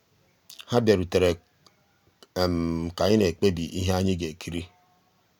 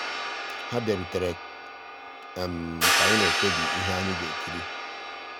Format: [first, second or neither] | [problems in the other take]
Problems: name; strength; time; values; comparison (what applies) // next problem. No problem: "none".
first | background sound (Hi-hat); 4 dB above the speech